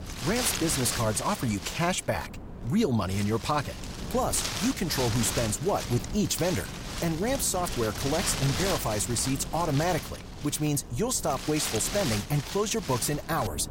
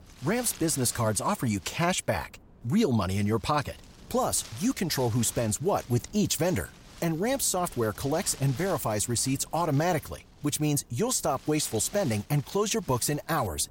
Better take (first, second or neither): second